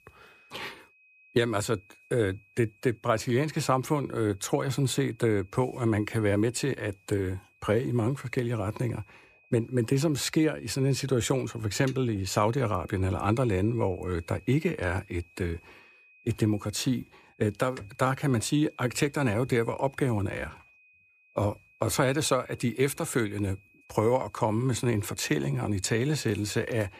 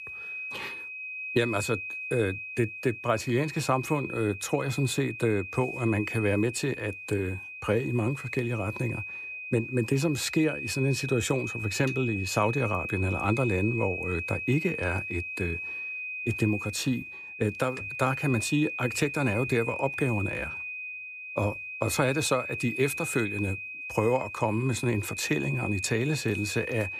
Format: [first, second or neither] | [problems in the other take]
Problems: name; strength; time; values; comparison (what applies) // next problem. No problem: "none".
first | high-pitched whine; loud; throughout; 2.5 kHz, 6 dB below the speech; faint in the first